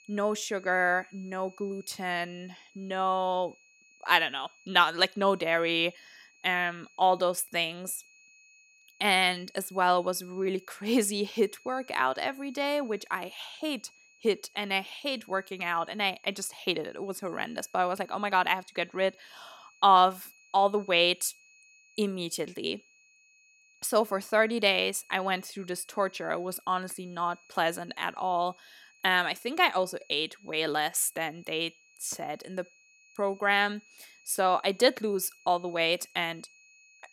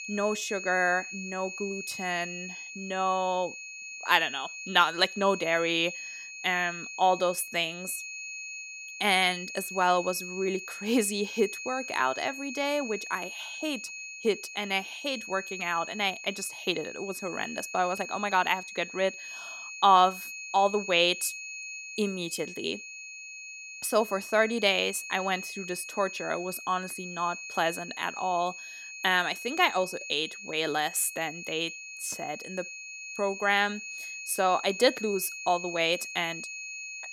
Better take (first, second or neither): first